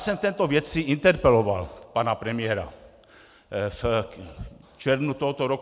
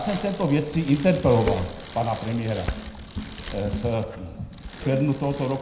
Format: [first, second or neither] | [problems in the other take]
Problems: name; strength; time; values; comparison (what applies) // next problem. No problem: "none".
first | background sound (Bicycle); 10 dB below the speech // room echo; dies away in 0.7 s